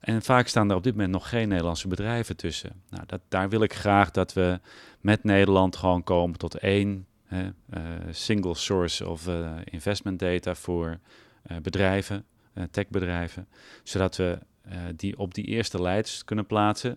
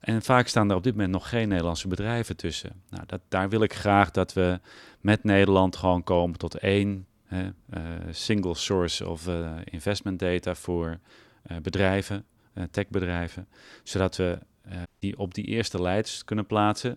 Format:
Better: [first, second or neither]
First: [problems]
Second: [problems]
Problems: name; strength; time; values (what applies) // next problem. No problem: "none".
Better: first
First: none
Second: audio cutting out; at 15 s